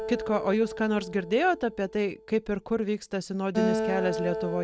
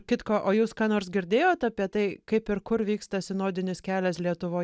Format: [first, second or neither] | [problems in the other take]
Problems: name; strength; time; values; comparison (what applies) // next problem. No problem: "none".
second | background sound (Acoustic guitar); 5 dB below the speech